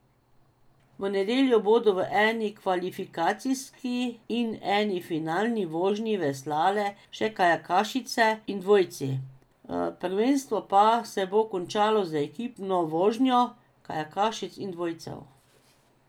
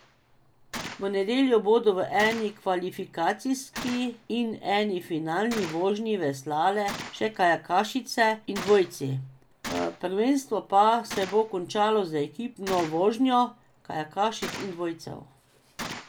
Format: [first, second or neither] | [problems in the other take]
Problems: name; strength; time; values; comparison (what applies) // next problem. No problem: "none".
first | background sound (Gunshot, gunfire); 16 dB below the speech